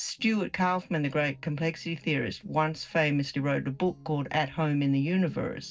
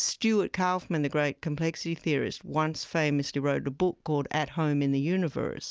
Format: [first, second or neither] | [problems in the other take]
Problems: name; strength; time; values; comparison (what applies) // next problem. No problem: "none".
second | noise reduction (neural separator model SepFormer DNS4)